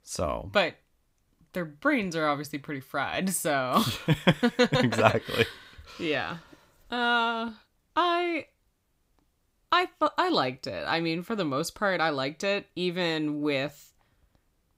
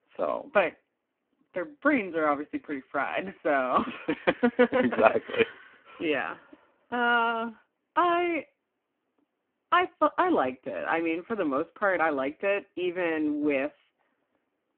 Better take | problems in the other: first | phone-call audio; poor line

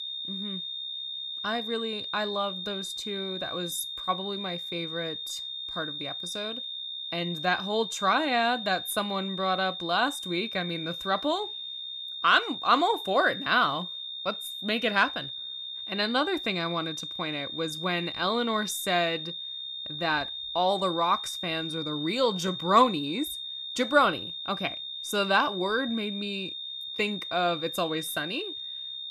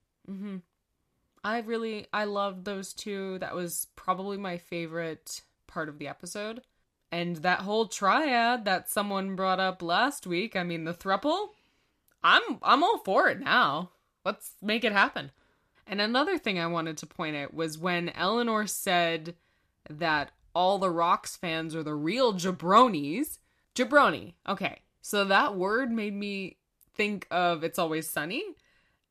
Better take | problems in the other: second | high-pitched whine; loud; throughout; 3.5 kHz, 6 dB below the speech

